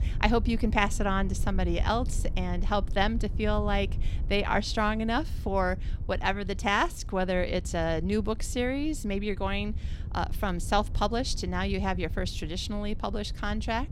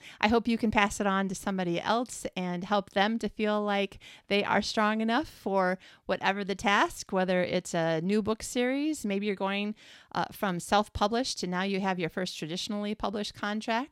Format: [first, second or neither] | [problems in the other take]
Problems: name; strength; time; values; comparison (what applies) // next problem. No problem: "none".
second | low rumble; faint; throughout; 20 dB below the speech